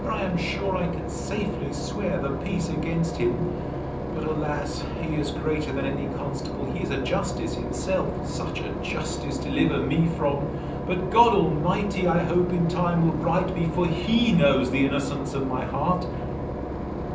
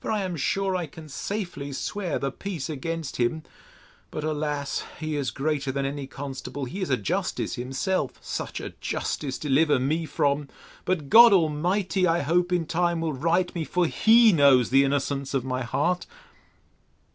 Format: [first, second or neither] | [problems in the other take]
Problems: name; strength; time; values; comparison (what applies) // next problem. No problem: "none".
second | background sound (Engine / Boat, Water vehicle); 4 dB below the speech // room echo; dies away in 0.6 s